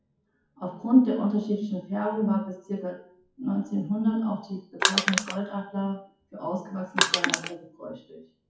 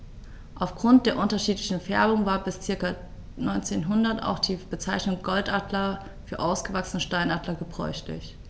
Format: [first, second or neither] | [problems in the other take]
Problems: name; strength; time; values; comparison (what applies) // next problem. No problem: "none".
second | noise reduction (classical method WPE with log-MMSE)